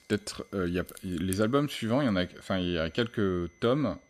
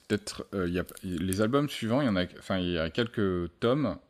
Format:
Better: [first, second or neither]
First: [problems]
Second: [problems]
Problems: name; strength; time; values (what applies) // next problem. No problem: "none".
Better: second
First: high-pitched whine; faint; throughout; 2 kHz, 30 dB below the speech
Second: none